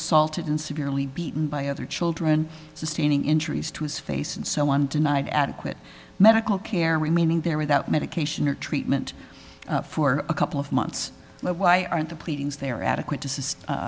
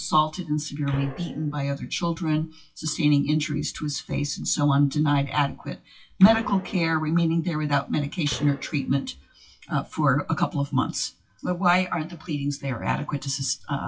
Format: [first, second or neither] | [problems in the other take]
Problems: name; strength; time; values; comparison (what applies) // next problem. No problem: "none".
first | noise reduction (classical method WPE with log-MMSE)